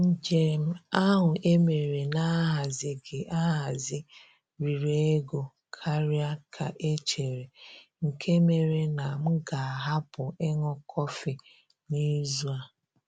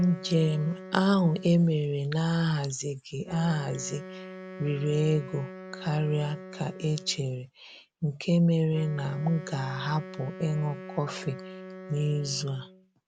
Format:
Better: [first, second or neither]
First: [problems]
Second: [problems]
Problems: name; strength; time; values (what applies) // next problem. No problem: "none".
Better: first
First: none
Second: background sound (Wind instrument, woodwind instrument); 15 dB below the speech